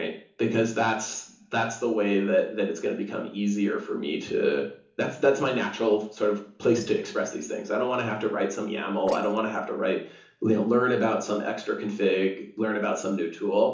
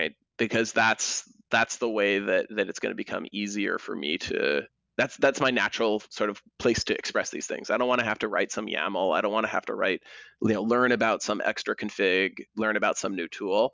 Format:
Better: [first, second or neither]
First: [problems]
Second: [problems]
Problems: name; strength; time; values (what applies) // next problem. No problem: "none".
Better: second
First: noise reduction (neural separator model SepFormer DNS4)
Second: none